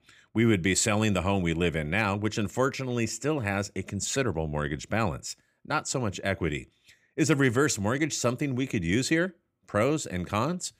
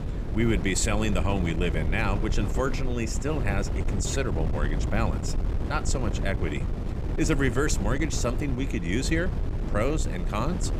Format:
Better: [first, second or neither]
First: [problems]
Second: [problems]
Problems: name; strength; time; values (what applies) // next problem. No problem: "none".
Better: first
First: none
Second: wind noise on the microphone; heavy; 9 dB below the speech